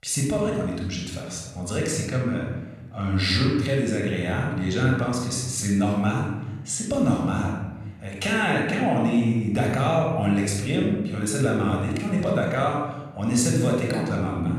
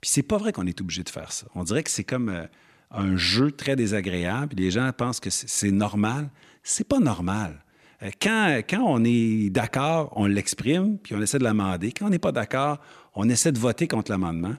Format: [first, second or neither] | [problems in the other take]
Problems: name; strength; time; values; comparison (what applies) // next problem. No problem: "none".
second | off-mic speech; somewhat distant // room echo; noticeable; dies away in 1.1 s